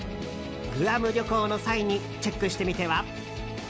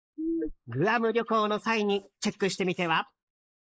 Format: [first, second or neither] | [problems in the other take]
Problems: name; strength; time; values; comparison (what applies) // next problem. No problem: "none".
first | noise reduction (neural mask model Resemble Enhance denoiser)